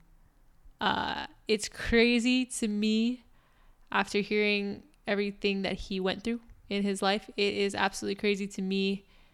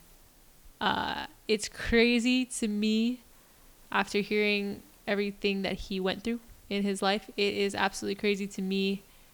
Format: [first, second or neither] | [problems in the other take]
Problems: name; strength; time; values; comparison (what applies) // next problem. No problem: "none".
first | hiss; faint; throughout; 30 dB below the speech